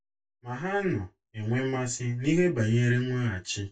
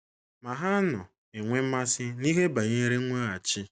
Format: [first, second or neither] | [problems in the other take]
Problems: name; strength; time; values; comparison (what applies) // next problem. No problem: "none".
second | room echo; dies away in 0.1 s